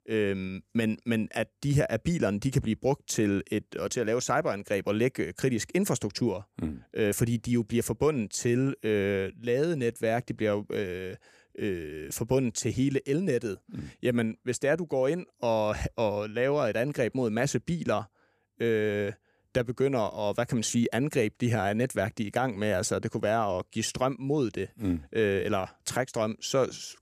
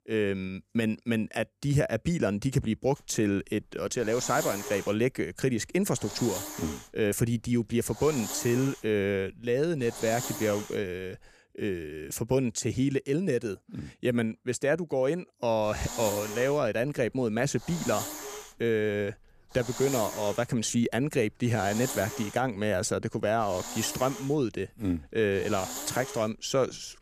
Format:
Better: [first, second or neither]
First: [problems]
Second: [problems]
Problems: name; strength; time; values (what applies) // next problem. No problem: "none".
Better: first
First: none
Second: hiss; loud; from 3 to 11 s and from 16 s on; 9 dB below the speech